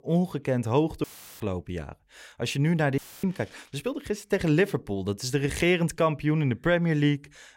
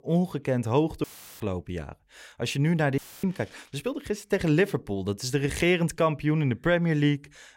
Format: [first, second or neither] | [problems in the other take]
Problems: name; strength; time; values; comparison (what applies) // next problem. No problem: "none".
neither | audio cutting out; filled with static; at 1 s and at 3 s; the same in both